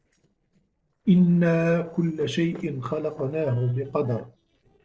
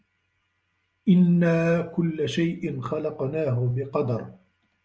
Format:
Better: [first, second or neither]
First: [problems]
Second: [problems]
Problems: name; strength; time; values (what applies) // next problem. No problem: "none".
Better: second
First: noise reduction (neural separator model SepFormer DNS4)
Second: none